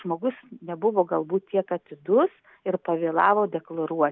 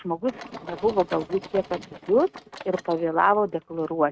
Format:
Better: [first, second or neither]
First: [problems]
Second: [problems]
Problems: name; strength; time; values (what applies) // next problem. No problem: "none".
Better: first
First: none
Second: noise reduction (neural mask model RNNoise)